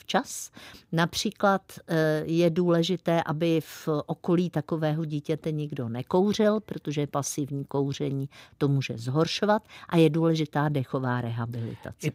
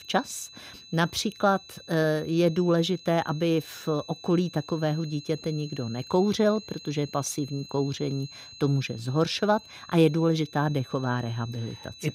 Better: first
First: none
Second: high-pitched whine; noticeable; throughout; 4 kHz, 15 dB below the speech

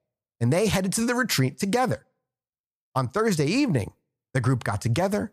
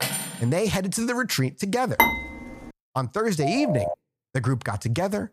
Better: first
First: none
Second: clattering dishes; noticeable; at the start; peak 1 dB below the speech // clattering dishes; loud; at 2 s; peak 5 dB above the speech // phone ringing; noticeable; at 3.5 s; peak 2 dB below the speech

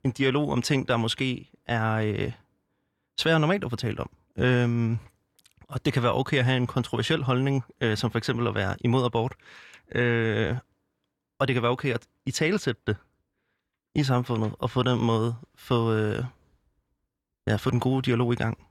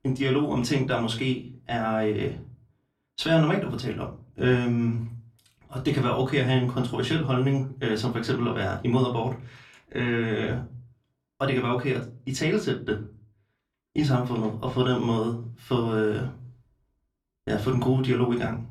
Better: first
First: none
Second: off-mic speech; far // room echo; very slight; dies away in 0.3 s

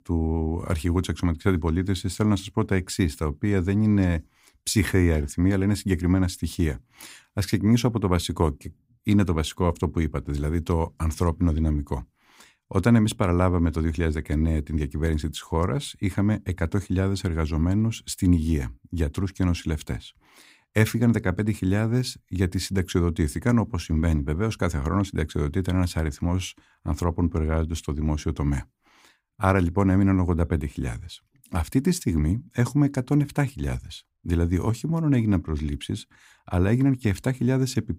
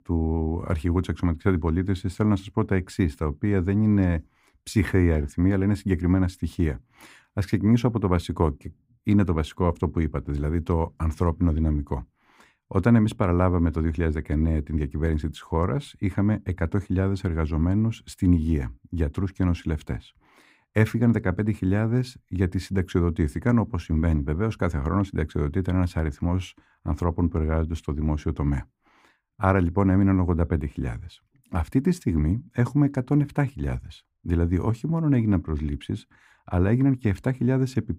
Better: first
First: none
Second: muffled; slightly; fading above 3 kHz

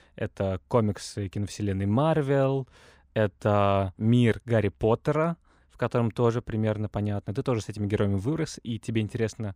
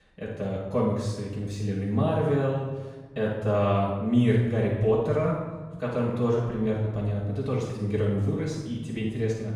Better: first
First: none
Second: off-mic speech; far // room echo; noticeable; dies away in 1.1 s

